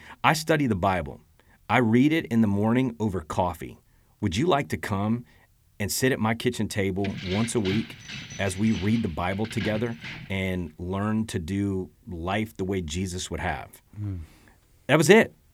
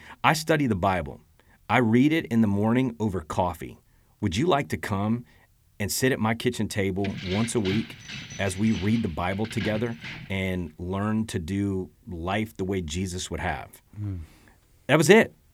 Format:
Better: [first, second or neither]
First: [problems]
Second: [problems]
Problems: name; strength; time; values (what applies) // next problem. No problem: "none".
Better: neither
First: jangling keys; noticeable; from 7 to 10 s; peak 8 dB below the speech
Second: jangling keys; noticeable; from 7 to 10 s; peak 8 dB below the speech